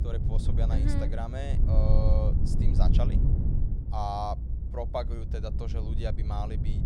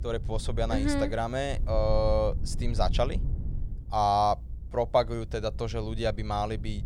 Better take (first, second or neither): second